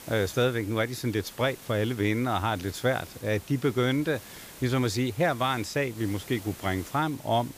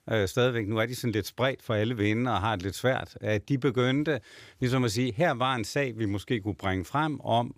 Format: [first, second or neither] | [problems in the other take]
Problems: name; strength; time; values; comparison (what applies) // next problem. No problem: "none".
second | hiss; noticeable; throughout; 15 dB below the speech